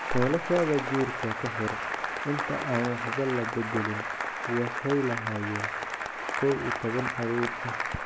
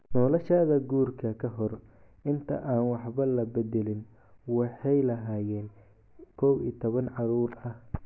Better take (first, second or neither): second